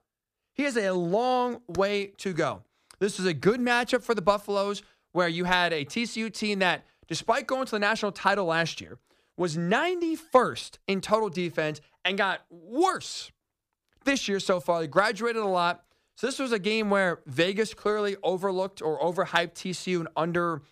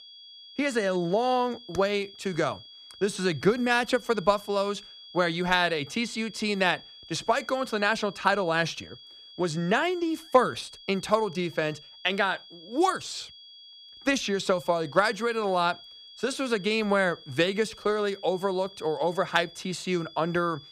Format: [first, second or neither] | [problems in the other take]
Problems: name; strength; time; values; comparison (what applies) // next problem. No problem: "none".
first | high-pitched whine; noticeable; throughout; 3.5 kHz, 20 dB below the speech